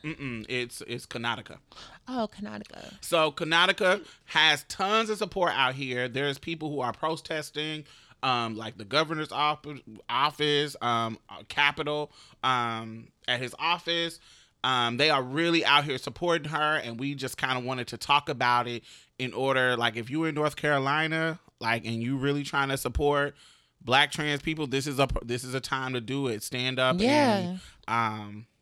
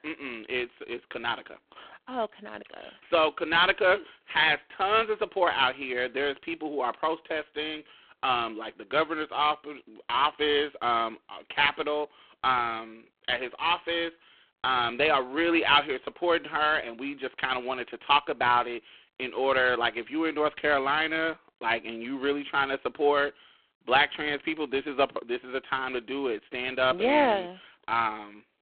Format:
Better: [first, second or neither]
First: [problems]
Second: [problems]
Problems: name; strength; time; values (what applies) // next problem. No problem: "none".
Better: first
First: none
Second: phone-call audio; poor line